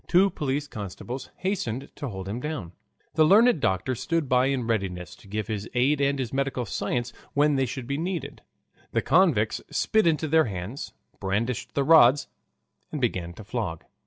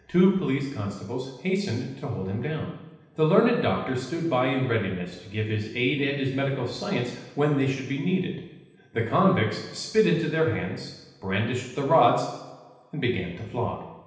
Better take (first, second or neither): first